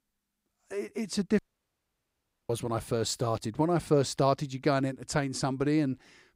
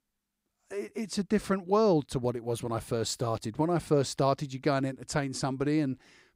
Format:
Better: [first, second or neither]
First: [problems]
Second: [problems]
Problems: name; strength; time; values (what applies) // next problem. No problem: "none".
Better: second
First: audio cutting out; at 1.5 s for 1 s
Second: none